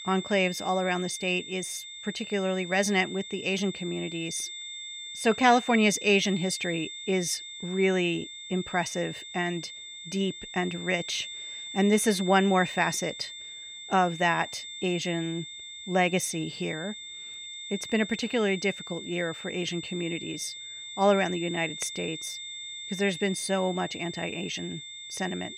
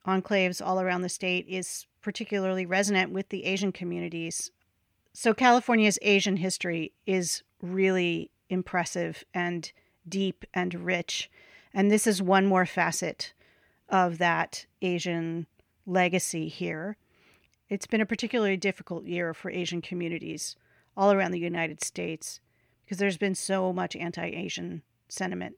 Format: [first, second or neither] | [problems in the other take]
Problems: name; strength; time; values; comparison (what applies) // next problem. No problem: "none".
second | high-pitched whine; loud; throughout; 3.5 kHz, 10 dB below the speech